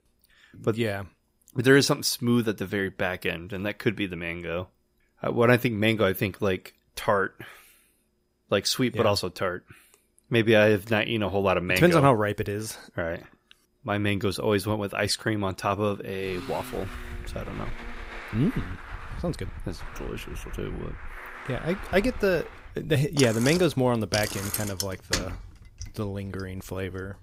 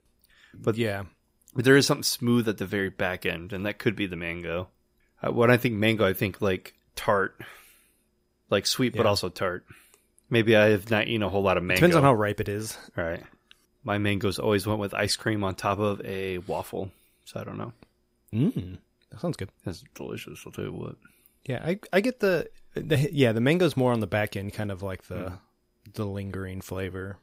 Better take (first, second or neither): second